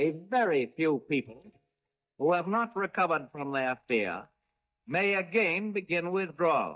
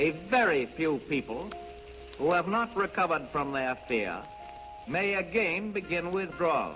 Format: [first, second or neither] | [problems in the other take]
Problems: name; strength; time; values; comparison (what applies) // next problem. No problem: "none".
second | noise reduction (neural mask model DeepFilterNet 3)